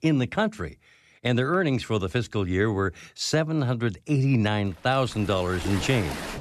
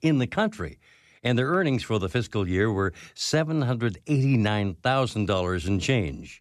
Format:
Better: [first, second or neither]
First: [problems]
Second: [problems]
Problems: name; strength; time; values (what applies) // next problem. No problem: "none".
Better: second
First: rain or running water; noticeable; from 5 s on; 10 dB below the speech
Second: none